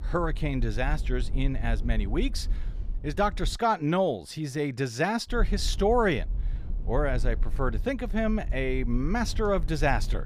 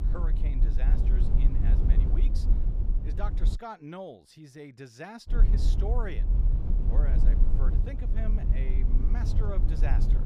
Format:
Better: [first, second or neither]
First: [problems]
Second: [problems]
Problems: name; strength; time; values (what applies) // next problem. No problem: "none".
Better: first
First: low rumble; faint; until 3.5 s and from 5.5 s on; 25 dB below the speech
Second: low rumble; loud; until 3.5 s and from 5.5 s on; 3 dB below the speech